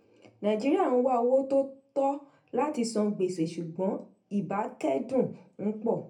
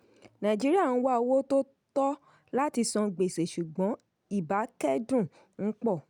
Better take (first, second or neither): second